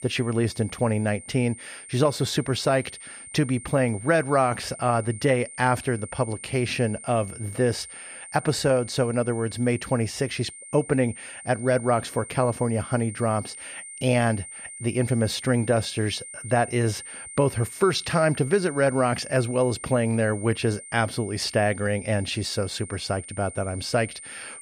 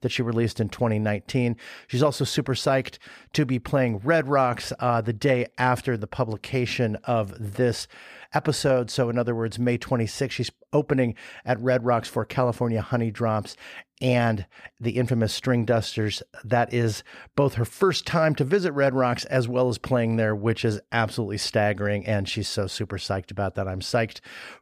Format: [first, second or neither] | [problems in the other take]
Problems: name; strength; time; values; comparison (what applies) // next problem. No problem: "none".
second | high-pitched whine; noticeable; throughout; 9 kHz, 15 dB below the speech